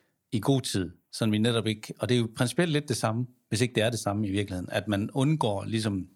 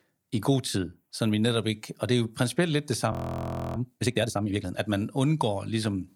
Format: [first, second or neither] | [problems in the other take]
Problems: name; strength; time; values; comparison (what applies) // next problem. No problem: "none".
first | audio freezing; at 3 s for 0.5 s